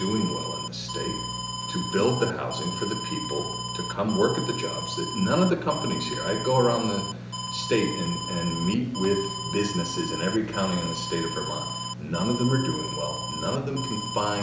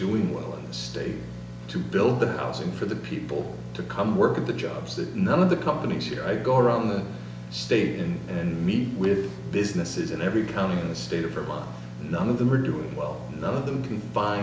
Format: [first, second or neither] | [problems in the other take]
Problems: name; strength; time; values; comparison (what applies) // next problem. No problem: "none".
second | background sound (Alarm); 7 dB below the speech